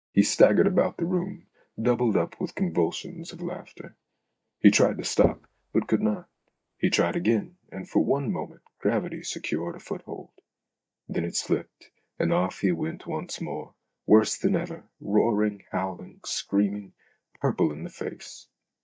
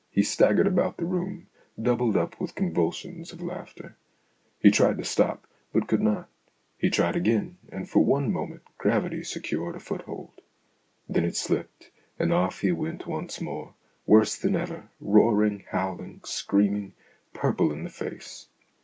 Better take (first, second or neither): second